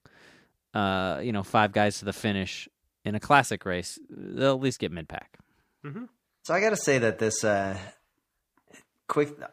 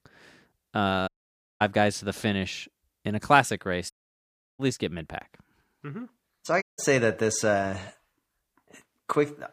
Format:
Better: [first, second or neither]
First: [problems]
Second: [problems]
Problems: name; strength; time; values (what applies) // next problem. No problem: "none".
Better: first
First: none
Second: audio cutting out; at 1 s for 0.5 s, at 4 s for 0.5 s and at 6.5 s